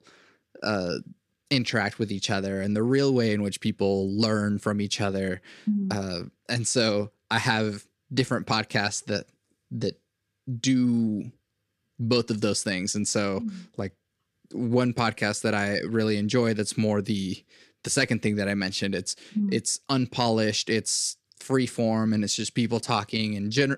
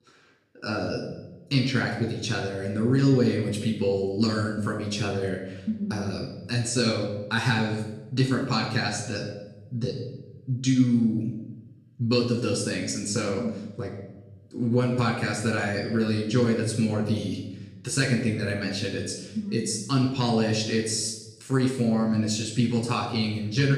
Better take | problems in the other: first | off-mic speech; far // room echo; noticeable; dies away in 0.9 s

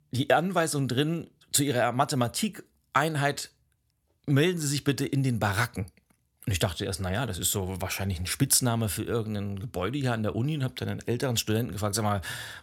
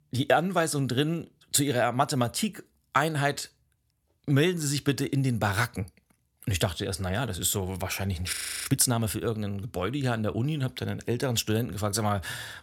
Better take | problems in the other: first | audio freezing; at 8.5 s

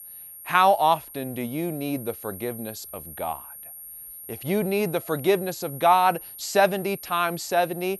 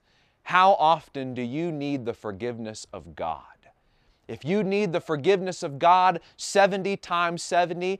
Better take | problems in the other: second | high-pitched whine; noticeable; throughout; 11.5 kHz, 15 dB below the speech

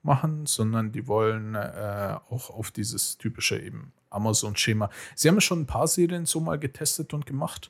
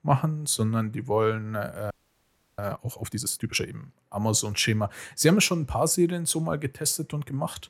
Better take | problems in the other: first | audio freezing; at 2 s for 0.5 s

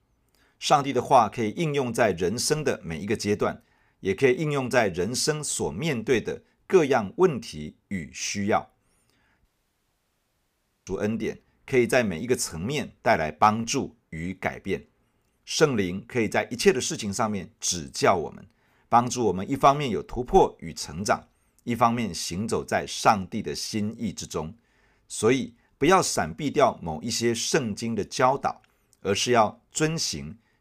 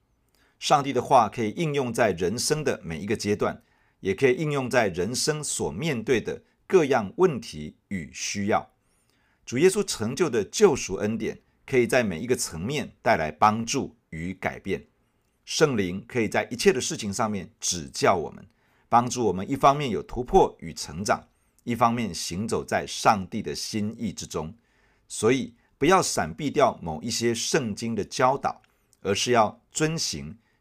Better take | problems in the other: second | audio cutting out; at 9.5 s for 1.5 s

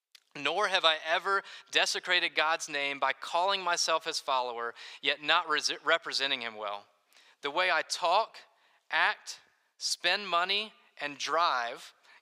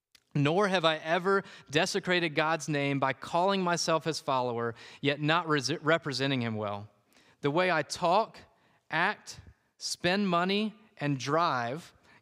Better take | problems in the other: second | thin; very; fading below 700 Hz

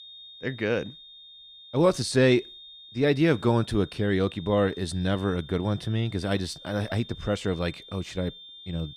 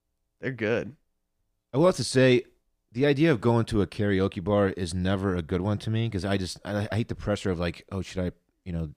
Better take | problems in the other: second | high-pitched whine; noticeable; throughout; 3.5 kHz, 20 dB below the speech

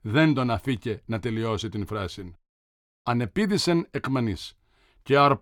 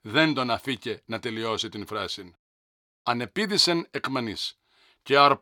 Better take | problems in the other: first | thin; somewhat; fading below 1 kHz

